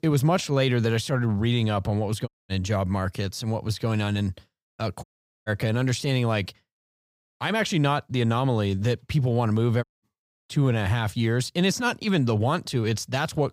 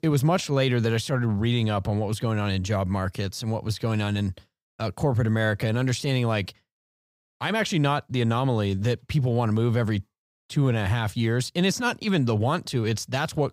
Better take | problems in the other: second | audio cutting out; at 2.5 s, at 5 s and at 10 s

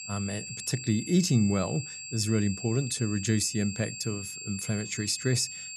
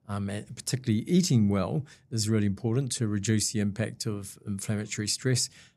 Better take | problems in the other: second | high-pitched whine; loud; throughout; 7.5 kHz, 8 dB below the speech

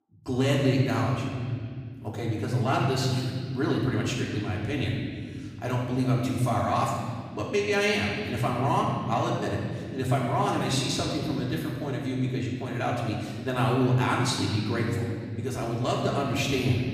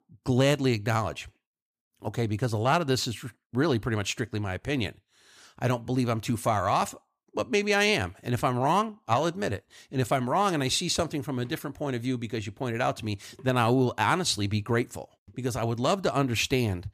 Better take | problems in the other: second | room echo; noticeable; dies away in 2.6 s // off-mic speech; far

